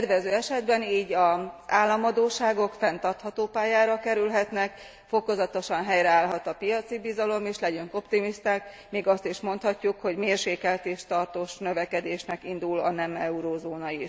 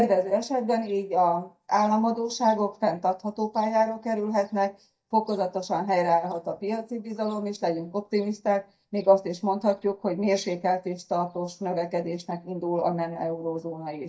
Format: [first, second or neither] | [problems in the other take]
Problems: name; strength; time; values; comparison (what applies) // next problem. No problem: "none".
first | noise reduction (neural mask model DeepFilterNet 3)